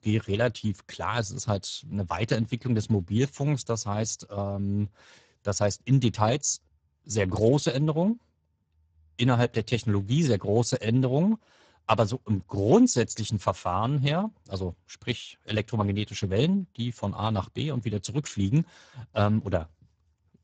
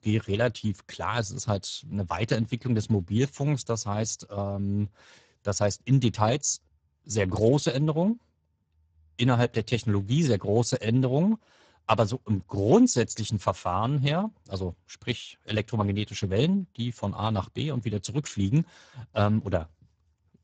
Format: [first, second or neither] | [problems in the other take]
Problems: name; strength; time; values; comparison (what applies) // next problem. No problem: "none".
neither | garbled, watery; badly; nothing above 7.5 kHz; the same in both